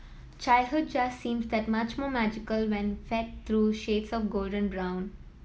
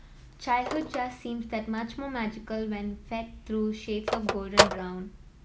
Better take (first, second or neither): first